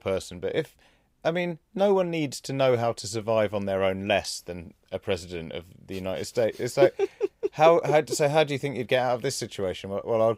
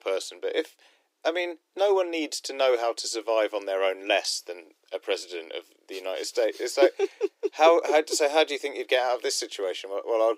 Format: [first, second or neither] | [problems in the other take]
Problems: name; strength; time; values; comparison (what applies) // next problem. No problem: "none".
first | thin; very; fading below 300 Hz